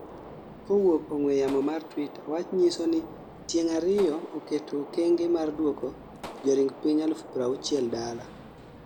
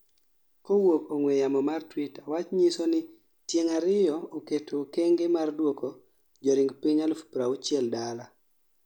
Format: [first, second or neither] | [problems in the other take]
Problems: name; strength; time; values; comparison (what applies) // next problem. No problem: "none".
second | background sound (Gunshot, gunfire); 16 dB below the speech